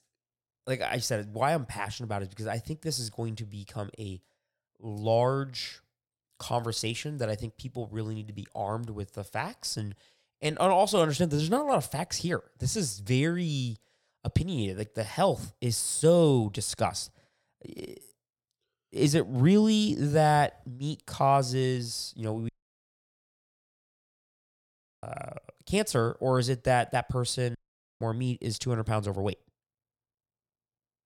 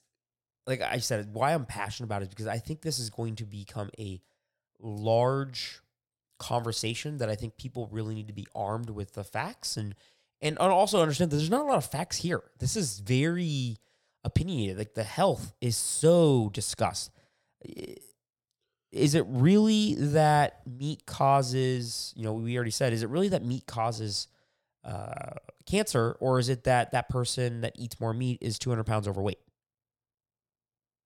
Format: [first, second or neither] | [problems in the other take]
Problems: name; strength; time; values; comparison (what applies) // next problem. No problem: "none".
second | audio cutting out; at 22 s for 2.5 s and at 28 s